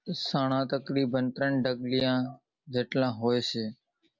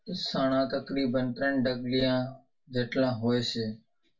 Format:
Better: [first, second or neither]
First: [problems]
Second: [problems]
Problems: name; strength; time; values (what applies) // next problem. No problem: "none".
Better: first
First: none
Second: room echo; dies away in 0.2 s